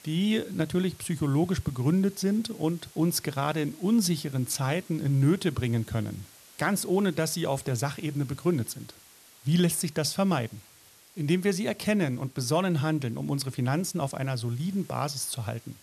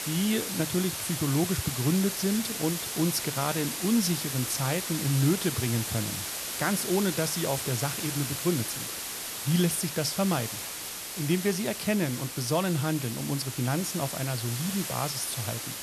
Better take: first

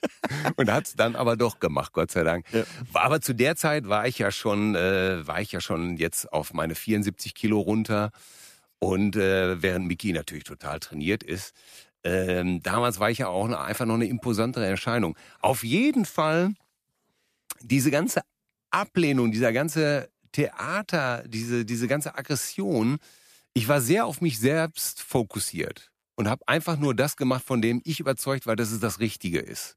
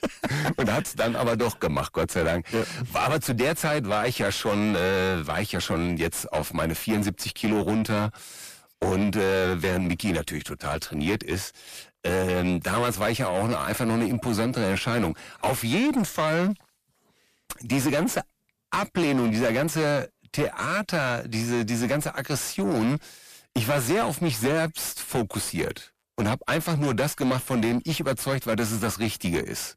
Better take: first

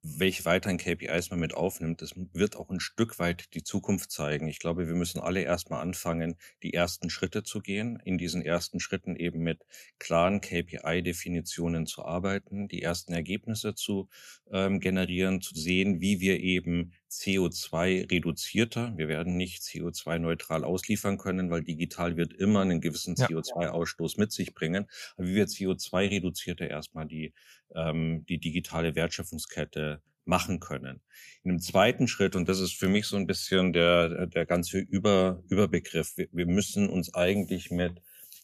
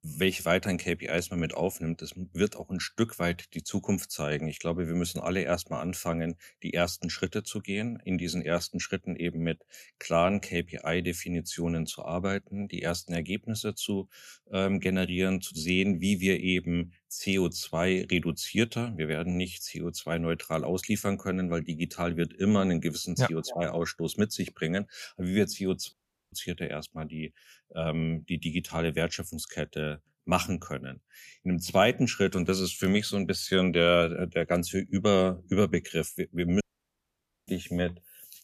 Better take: first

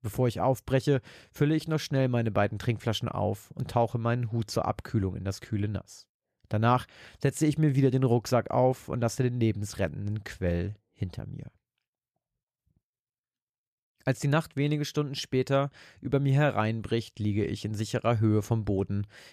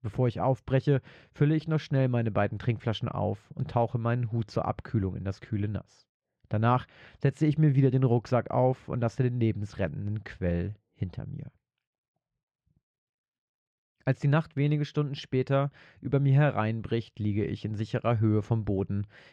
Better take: first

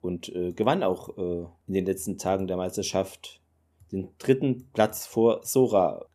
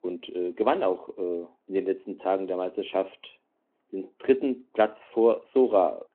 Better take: first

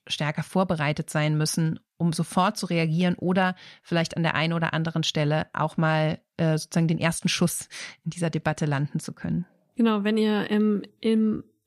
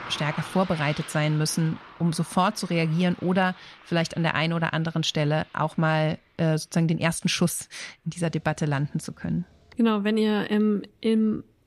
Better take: first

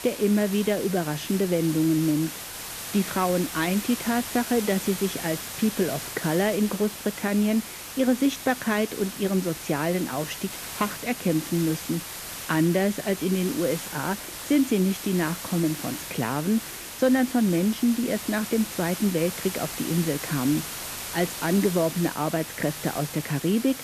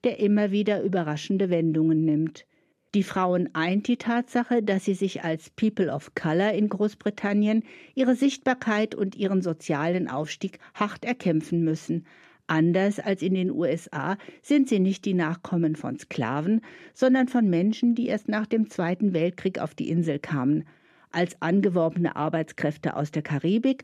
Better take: second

